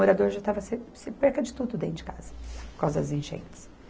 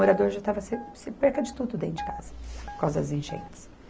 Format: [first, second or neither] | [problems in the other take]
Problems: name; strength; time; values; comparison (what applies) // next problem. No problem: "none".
first | background sound (Guitar); 13 dB below the speech